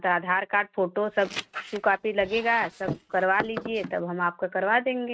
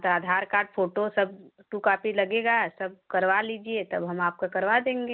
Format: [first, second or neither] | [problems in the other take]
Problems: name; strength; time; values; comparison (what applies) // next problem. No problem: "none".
second | noise reduction (neural mask model RNNoise)